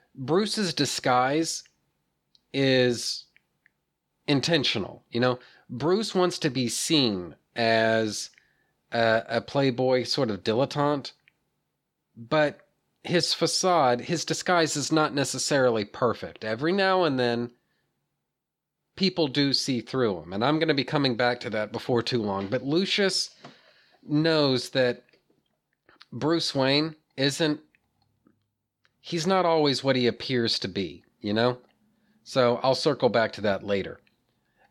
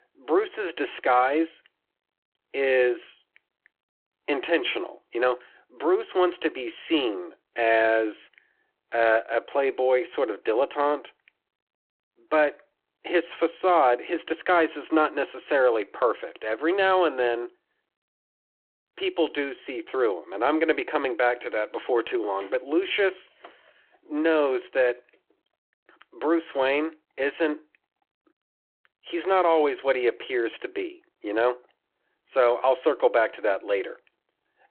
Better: first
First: none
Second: phone-call audio

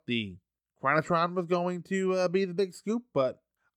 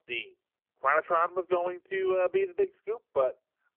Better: first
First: none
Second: phone-call audio; poor line; nothing above 3 kHz

